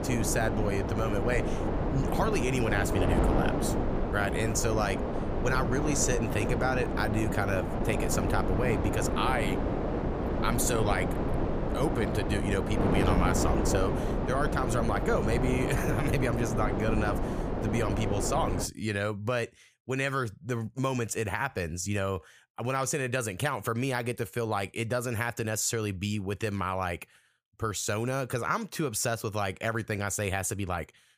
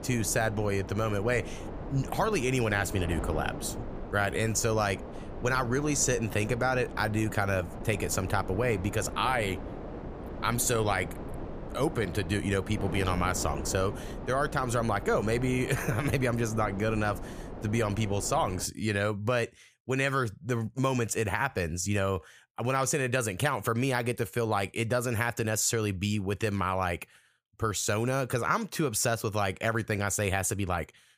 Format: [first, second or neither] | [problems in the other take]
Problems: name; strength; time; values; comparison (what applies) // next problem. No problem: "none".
second | wind noise on the microphone; heavy; until 19 s; 2 dB below the speech; occasional gusts in the second